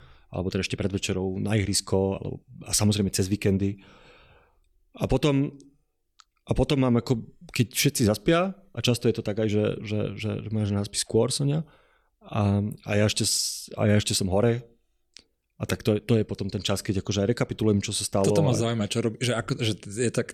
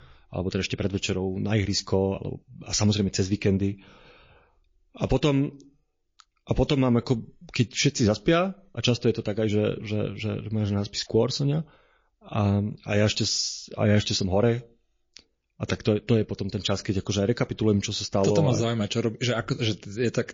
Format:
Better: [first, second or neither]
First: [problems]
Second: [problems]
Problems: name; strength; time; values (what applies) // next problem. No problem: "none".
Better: first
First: none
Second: garbled, watery; slightly; nothing above 6 kHz